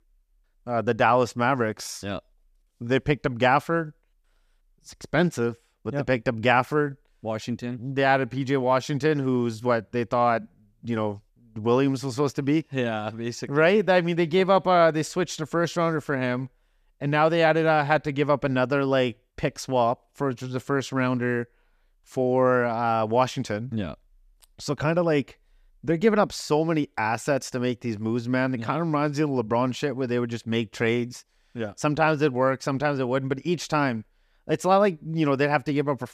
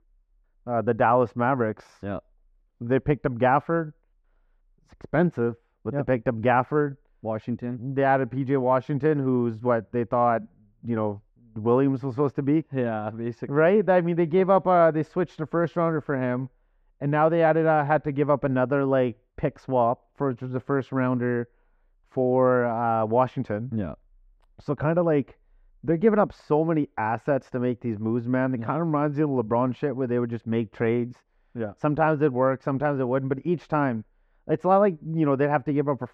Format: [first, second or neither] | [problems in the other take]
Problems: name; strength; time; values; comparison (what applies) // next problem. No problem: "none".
first | muffled; very; fading above 3.5 kHz